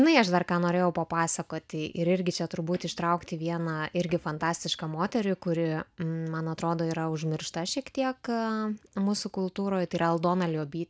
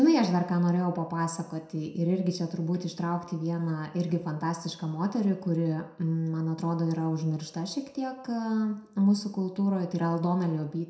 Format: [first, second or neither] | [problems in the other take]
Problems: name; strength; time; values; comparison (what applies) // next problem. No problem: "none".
first | room echo; dies away in 0.5 s